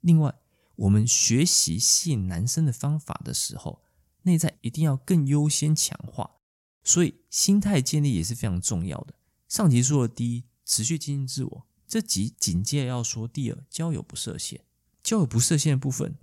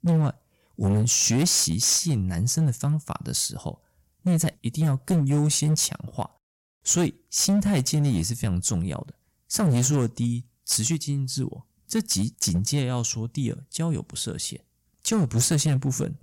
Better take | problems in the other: first | distortion; slight; 9% of the sound clipped

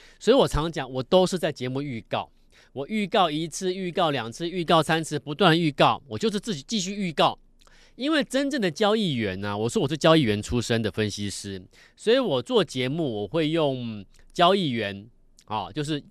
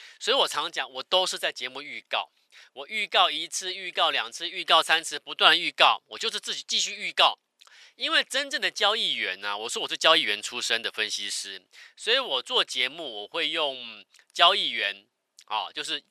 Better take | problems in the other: first | thin; very; fading below 850 Hz

